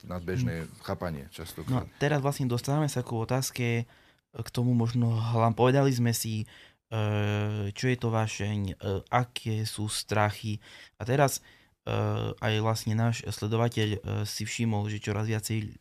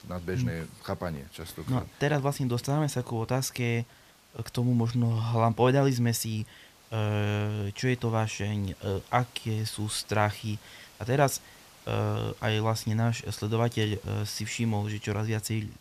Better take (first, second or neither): first